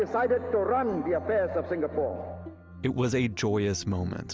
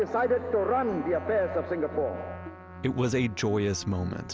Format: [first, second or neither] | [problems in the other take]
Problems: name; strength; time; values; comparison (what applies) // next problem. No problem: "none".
first | background sound (Trumpet); 19 dB below the speech